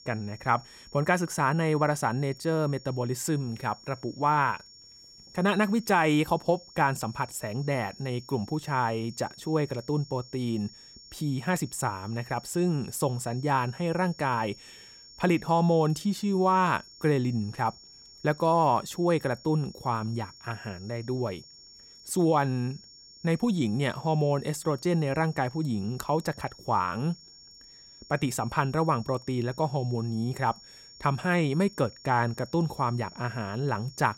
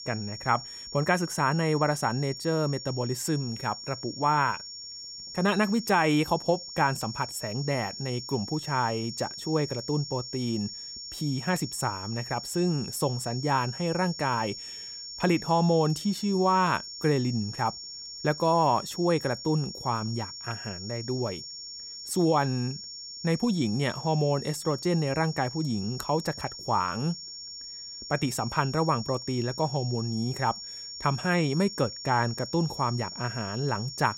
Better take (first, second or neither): first